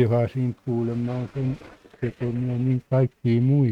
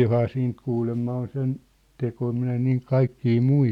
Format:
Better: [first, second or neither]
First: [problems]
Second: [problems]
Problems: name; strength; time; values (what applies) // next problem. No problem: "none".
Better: second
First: noise reduction (neural mask model RNNoise)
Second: none